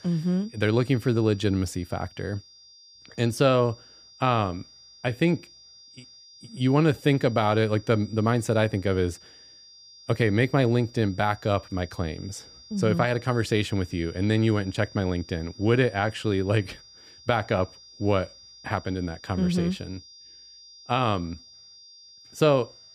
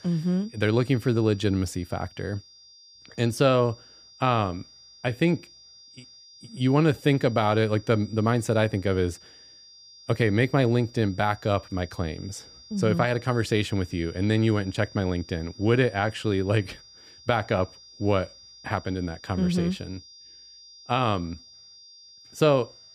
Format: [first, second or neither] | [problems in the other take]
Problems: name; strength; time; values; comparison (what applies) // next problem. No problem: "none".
neither | high-pitched whine; faint; throughout; 5 kHz, 20 dB below the speech; the same in both